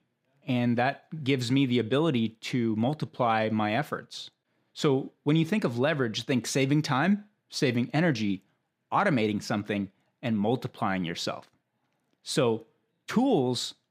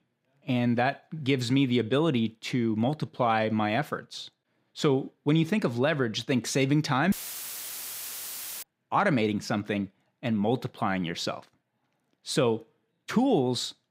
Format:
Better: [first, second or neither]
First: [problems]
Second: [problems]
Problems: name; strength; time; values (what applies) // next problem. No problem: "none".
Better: first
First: none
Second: audio cutting out; filled with static; at 7 s for 1.5 s